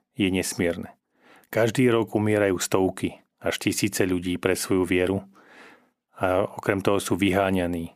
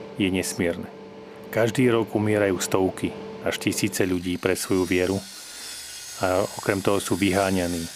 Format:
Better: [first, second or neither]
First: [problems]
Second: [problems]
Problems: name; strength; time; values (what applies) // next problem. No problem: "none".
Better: first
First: none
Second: machinery noise; noticeable; throughout; 15 dB below the speech